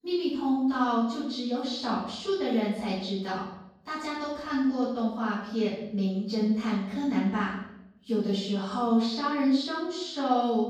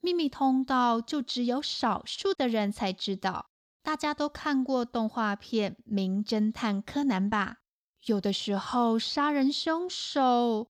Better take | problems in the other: second | room echo; noticeable; dies away in 0.7 s // off-mic speech; far

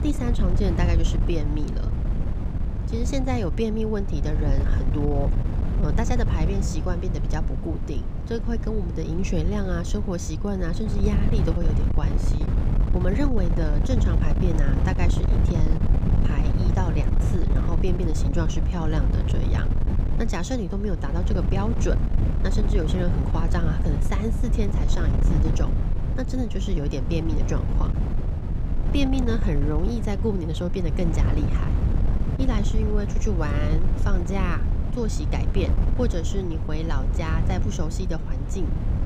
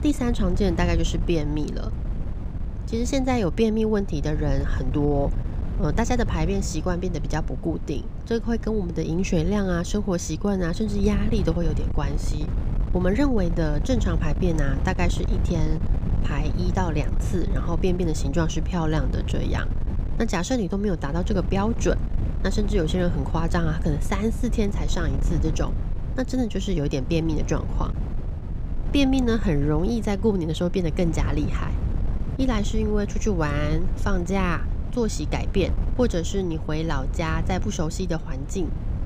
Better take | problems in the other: second | wind noise on the microphone; heavy; 5 dB below the speech; occasional gusts in the second

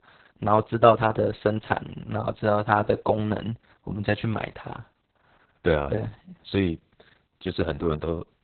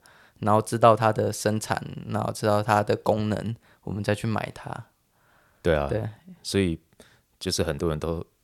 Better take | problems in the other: second | garbled, watery; badly; nothing above 4 kHz

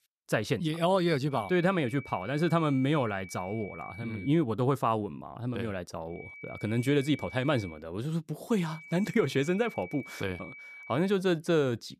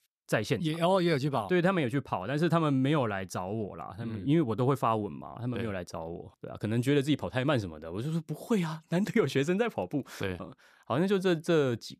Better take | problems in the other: second | high-pitched whine; noticeable; from 1.5 to 4.5 s, from 6 to 7.5 s and from 8.5 to 11 s; 2.5 kHz, 15 dB below the speech

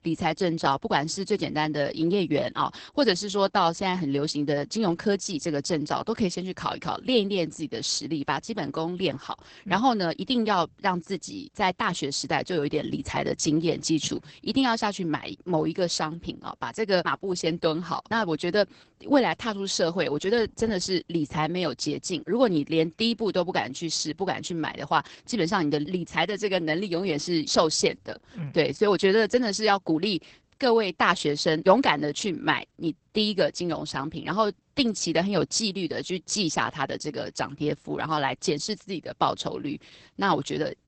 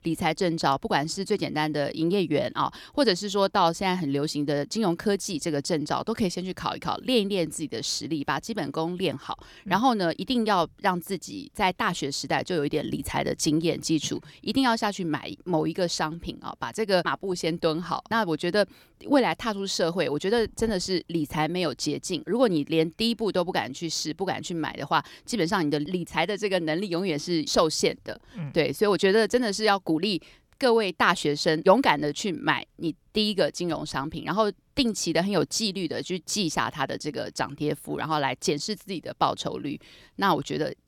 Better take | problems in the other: second | garbled, watery; badly; nothing above 8 kHz

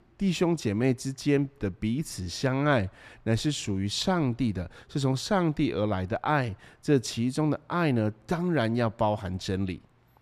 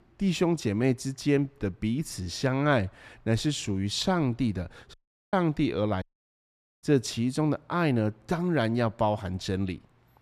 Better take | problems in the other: first | audio cutting out; at 5 s and at 6 s for 1 s

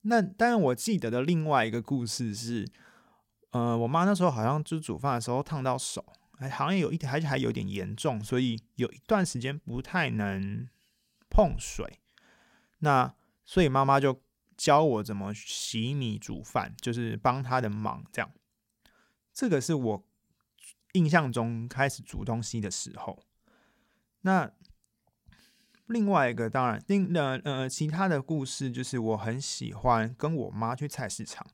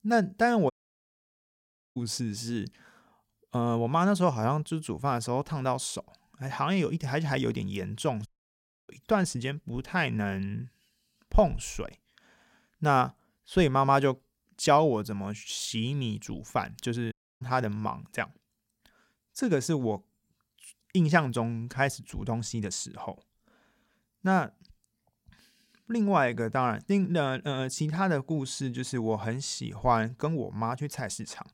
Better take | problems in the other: first | audio cutting out; at 0.5 s for 1.5 s, at 8.5 s for 0.5 s and at 17 s

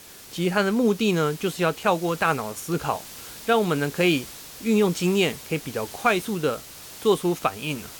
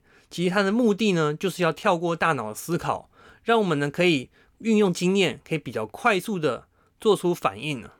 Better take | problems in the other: second | hiss; noticeable; throughout; 15 dB below the speech

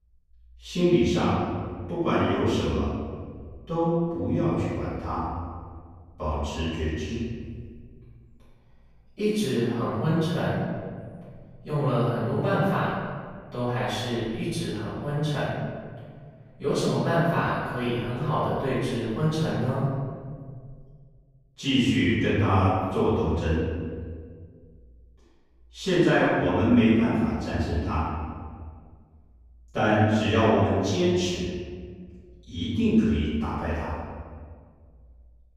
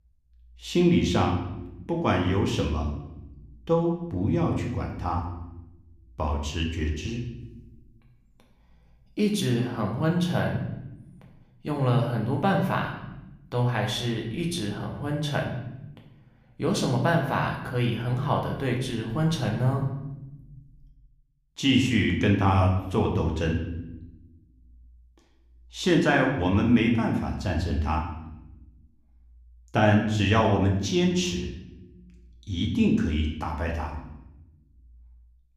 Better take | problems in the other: second | room echo; strong; dies away in 1.7 s; slight in the second // off-mic speech; far; somewhat distant in the second

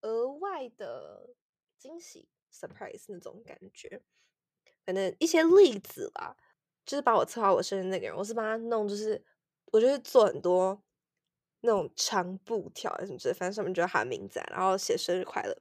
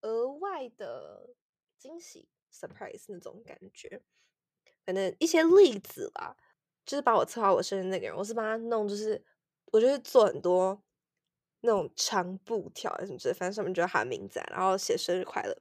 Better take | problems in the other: neither | none

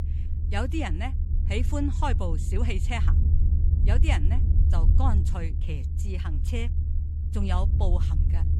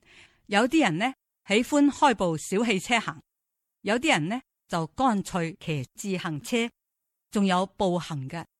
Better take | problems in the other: second | low rumble; loud; throughout; 8 dB below the speech

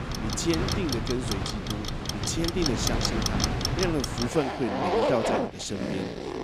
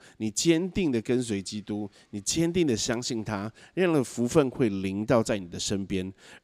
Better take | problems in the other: second | household noises; very loud; throughout; 2 dB above the speech

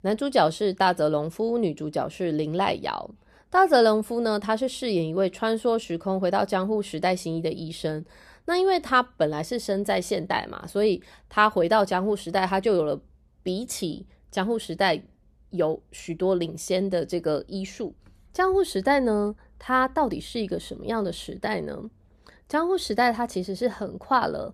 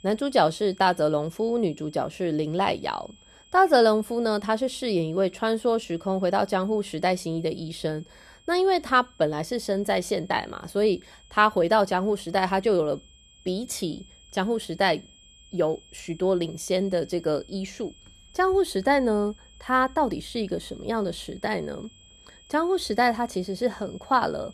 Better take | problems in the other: first | high-pitched whine; faint; throughout; 3 kHz, 25 dB below the speech

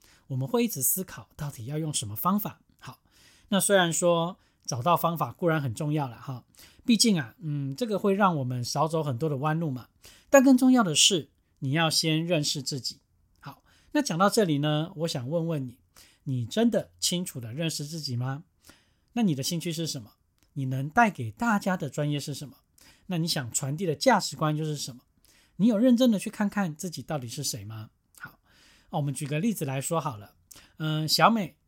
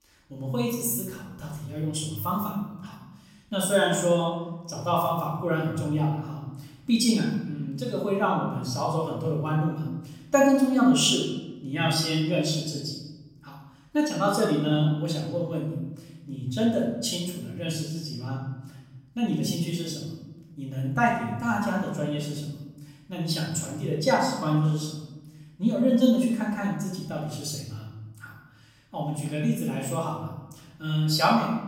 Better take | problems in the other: first | off-mic speech; far // room echo; noticeable; dies away in 0.9 s

